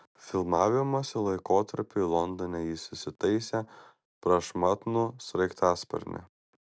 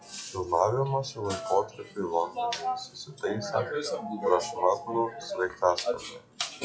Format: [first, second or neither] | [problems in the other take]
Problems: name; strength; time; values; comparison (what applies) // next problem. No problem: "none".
first | noise reduction (classical method WPE with log-MMSE)